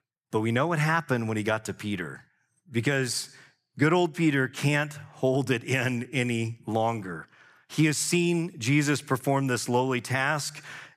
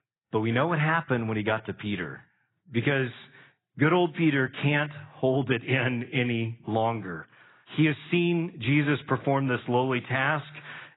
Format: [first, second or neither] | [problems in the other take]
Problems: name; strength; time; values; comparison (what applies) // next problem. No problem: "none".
first | garbled, watery; badly; nothing above 4 kHz